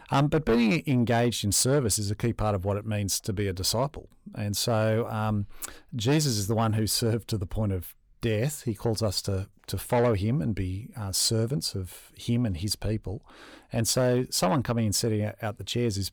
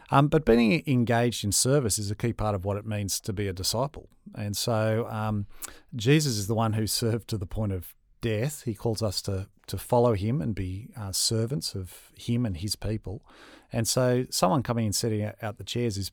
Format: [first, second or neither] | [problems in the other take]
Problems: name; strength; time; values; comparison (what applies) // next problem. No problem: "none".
second | distortion; slight; 10 dB below the speech